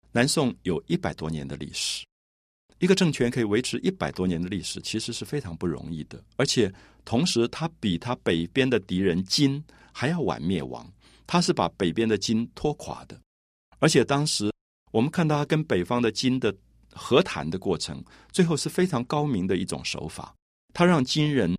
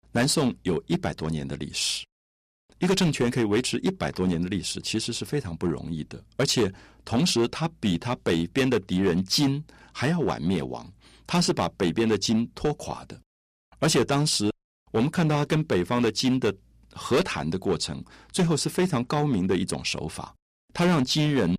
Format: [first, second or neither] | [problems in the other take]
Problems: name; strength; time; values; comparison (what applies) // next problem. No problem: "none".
first | distortion; slight; 6% of the sound clipped